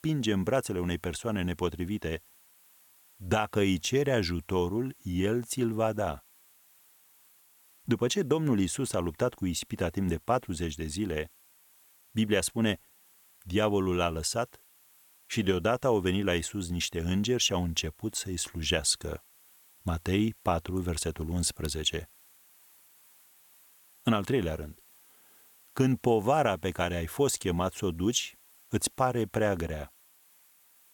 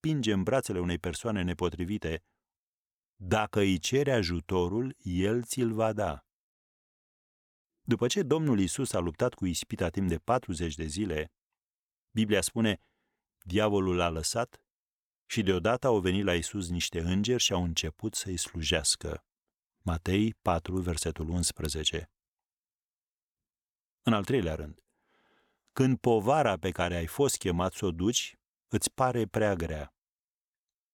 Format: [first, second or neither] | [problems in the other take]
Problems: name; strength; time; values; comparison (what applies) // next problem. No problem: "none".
second | hiss; faint; throughout; 25 dB below the speech